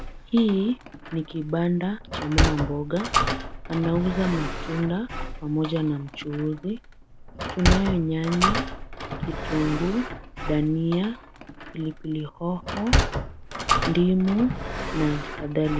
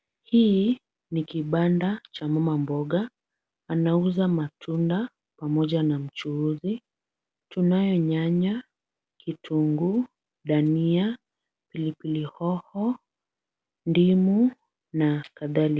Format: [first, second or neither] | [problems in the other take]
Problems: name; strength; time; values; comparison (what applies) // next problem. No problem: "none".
second | background sound (Sliding door); 2 dB below the speech